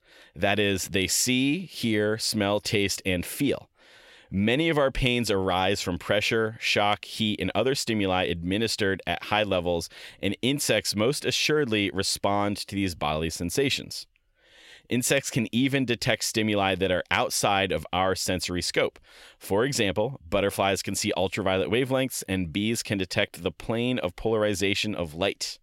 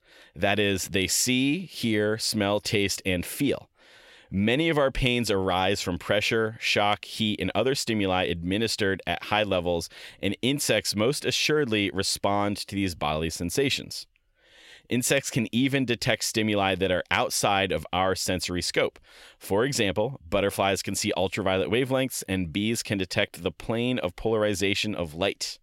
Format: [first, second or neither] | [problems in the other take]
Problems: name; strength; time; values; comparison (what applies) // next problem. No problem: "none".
neither | none